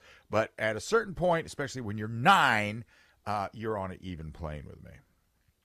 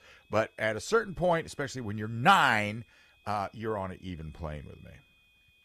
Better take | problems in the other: first | high-pitched whine; faint; throughout; 2.5 kHz, 35 dB below the speech

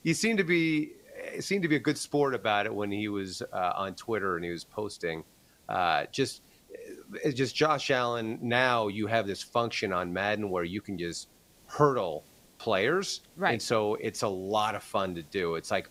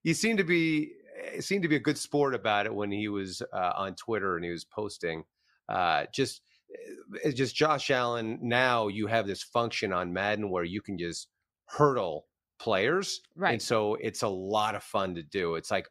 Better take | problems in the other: second | hiss; faint; throughout; 30 dB below the speech

